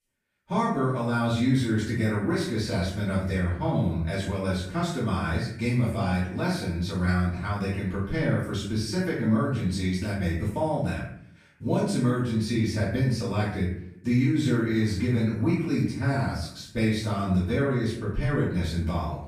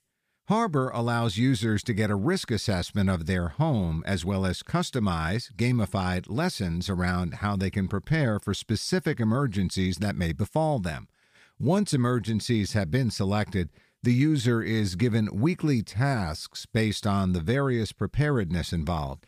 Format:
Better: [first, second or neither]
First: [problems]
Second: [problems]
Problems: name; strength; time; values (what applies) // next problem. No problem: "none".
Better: second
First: off-mic speech; far // room echo; noticeable; dies away in 0.5 s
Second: none